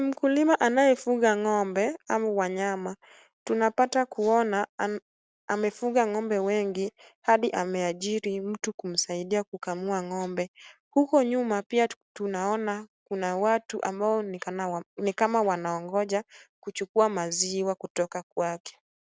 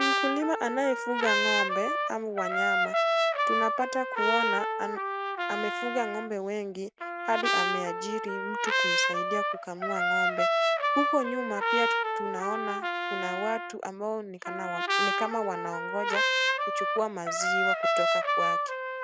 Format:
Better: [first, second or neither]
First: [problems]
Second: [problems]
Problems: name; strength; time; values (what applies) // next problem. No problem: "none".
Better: first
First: none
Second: background sound (Trumpet); 5 dB above the speech